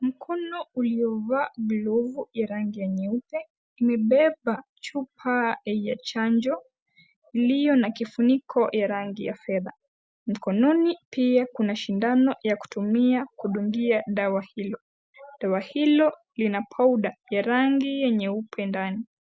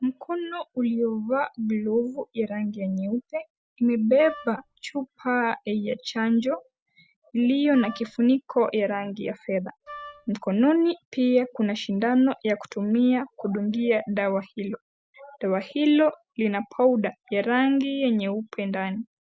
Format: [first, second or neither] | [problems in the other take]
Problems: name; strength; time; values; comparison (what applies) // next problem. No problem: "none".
first | background sound (Wind instrument, woodwind instrument); 18 dB below the speech